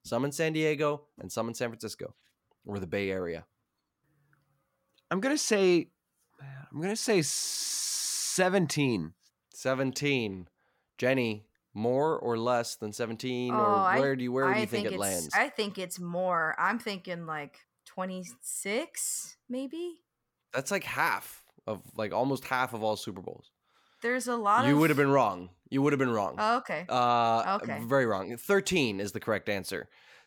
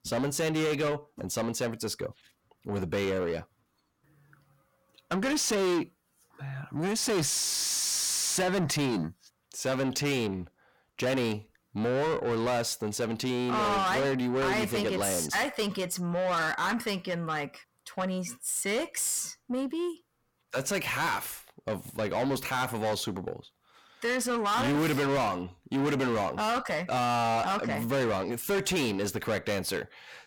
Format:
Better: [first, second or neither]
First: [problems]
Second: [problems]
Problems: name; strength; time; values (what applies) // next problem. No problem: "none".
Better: first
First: none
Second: distortion; heavy; 6 dB below the speech